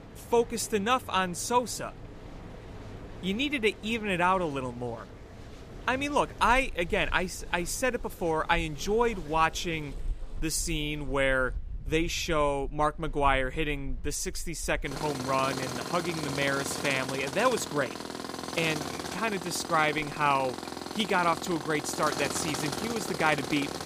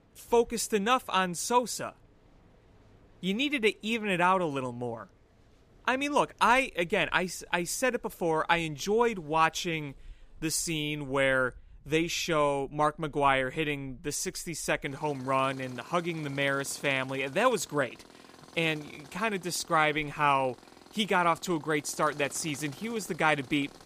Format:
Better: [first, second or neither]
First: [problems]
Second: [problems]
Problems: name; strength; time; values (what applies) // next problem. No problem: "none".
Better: second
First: machinery noise; loud; throughout; 10 dB below the speech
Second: machinery noise; faint; throughout; 25 dB below the speech